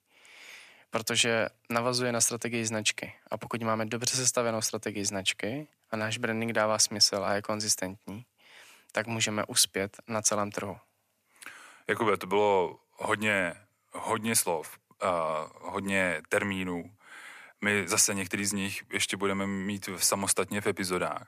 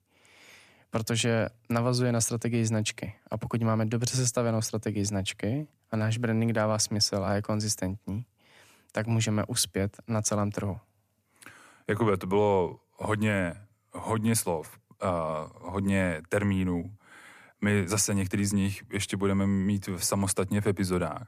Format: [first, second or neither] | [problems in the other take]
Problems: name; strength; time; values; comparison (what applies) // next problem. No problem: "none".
second | thin; somewhat; fading below 1 kHz